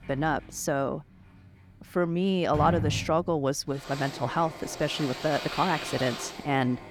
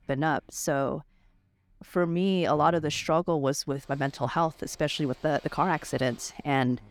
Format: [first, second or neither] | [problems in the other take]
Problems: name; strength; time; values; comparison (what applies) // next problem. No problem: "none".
second | household noises; loud; throughout; 8 dB below the speech; faint in the second